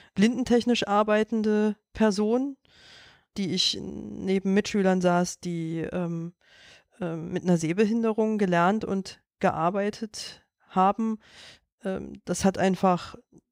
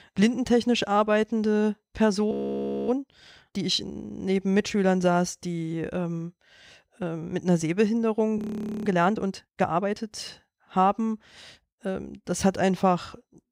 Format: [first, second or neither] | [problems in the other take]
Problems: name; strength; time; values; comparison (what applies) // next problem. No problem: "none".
first | audio freezing; at 2.5 s for 0.5 s and at 8.5 s